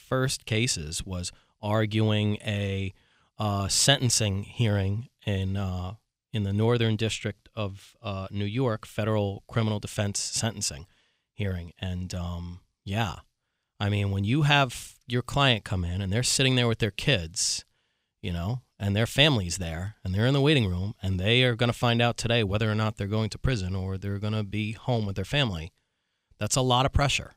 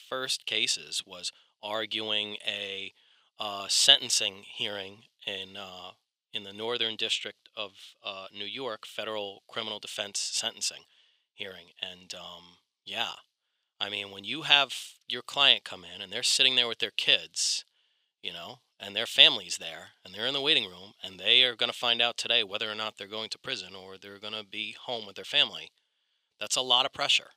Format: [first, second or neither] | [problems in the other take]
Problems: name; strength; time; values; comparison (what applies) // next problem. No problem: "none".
first | thin; very; fading below 450 Hz